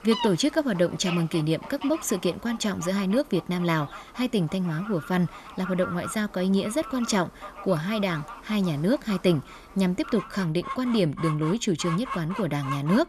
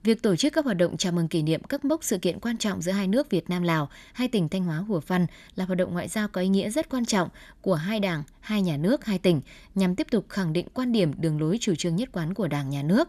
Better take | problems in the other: second | animal sounds; noticeable; throughout; 15 dB below the speech

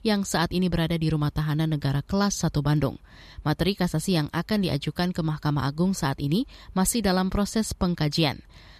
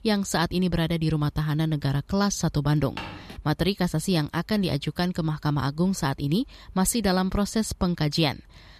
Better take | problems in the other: first | footsteps; faint; at 3 s; peak 10 dB below the speech

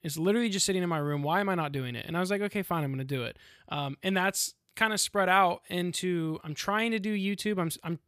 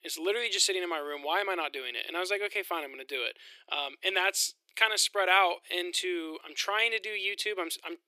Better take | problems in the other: first | thin; very; fading below 350 Hz

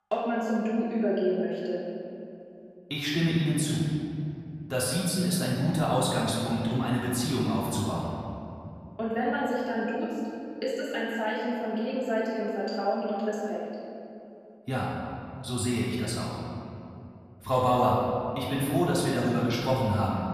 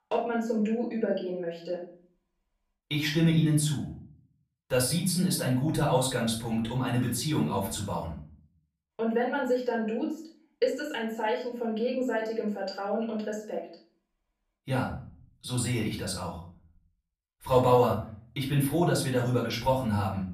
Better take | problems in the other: second | room echo; strong; dies away in 2.5 s; slight in the second // off-mic speech; far; far in the second

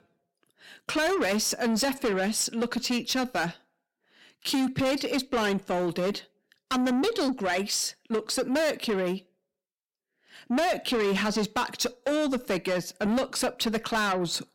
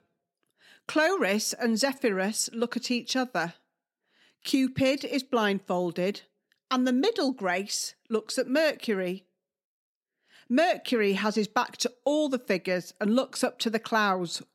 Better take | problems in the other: second | distortion; heavy; 8 dB below the speech

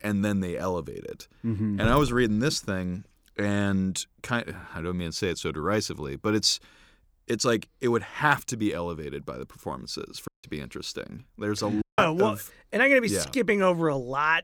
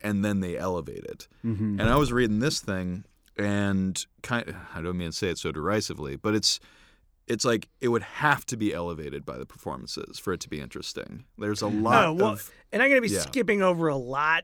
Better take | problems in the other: second | audio cutting out; at 10 s and at 12 s

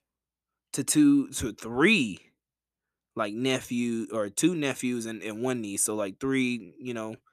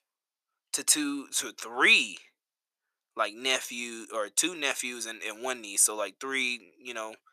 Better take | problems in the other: first | thin; very; fading below 700 Hz

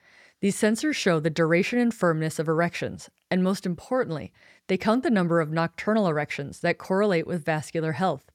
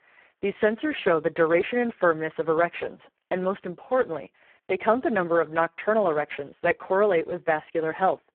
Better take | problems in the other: first | phone-call audio; poor line

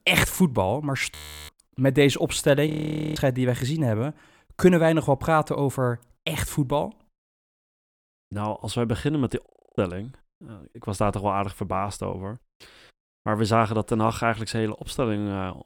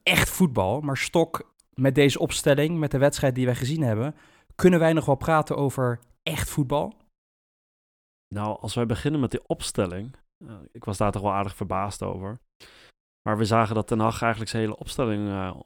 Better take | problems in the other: second | audio freezing; at 1 s, at 2.5 s and at 9.5 s

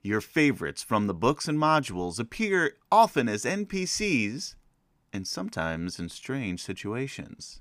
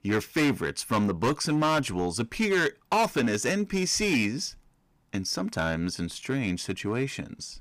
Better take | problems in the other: first | distortion; heavy; 8% of the sound clipped

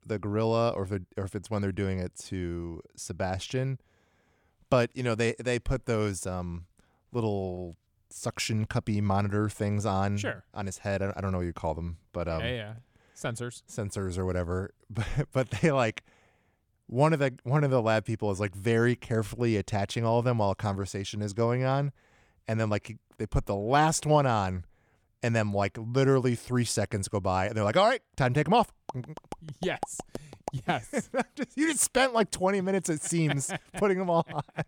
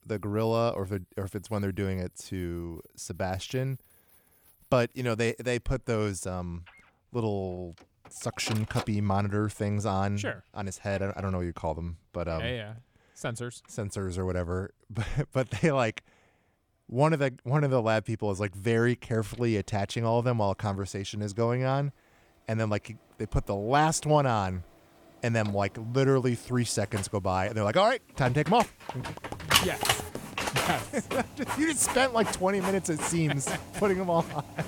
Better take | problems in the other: first | household noises; loud; throughout; 4 dB below the speech

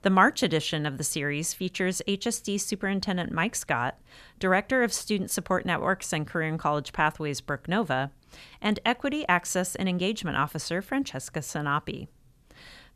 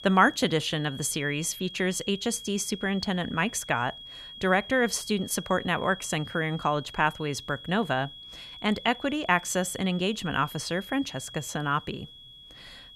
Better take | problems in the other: first | high-pitched whine; noticeable; throughout; 3.5 kHz, 15 dB below the speech

